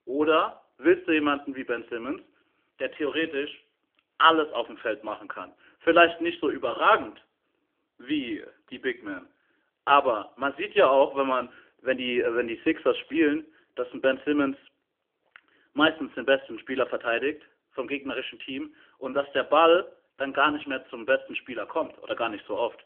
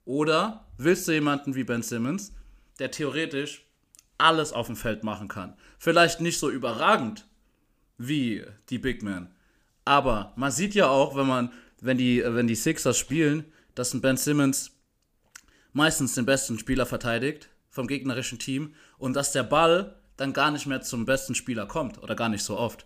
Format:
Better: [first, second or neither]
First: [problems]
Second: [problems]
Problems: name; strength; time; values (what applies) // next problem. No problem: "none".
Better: second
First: phone-call audio; nothing above 3 kHz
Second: none